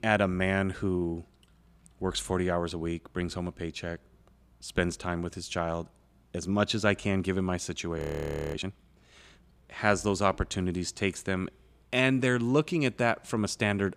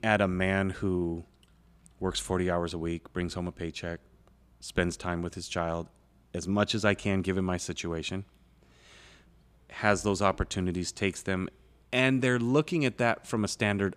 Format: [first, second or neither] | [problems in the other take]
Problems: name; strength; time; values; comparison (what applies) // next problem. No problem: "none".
second | audio freezing; at 8 s for 0.5 s